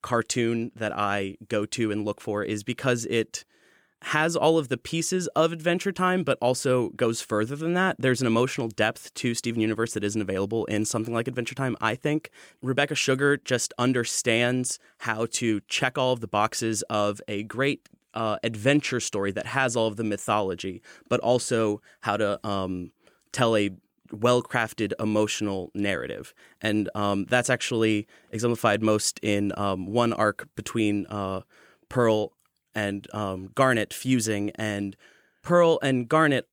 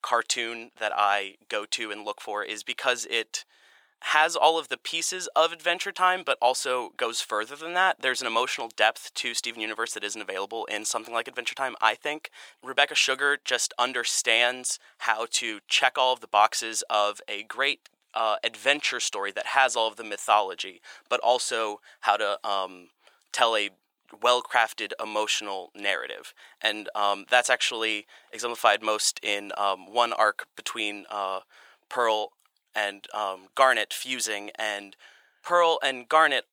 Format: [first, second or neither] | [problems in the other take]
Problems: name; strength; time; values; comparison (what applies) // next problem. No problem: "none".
first | thin; very; fading below 800 Hz